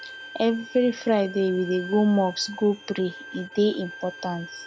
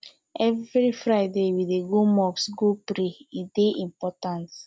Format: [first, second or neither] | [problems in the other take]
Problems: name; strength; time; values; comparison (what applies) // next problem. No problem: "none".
second | background sound (Bowed string instrument); 16 dB below the speech